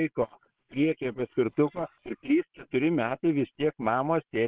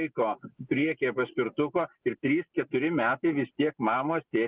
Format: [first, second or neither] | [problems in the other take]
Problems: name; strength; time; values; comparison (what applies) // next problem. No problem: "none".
second | noise reduction (neural separator model SepFormer WHAM!)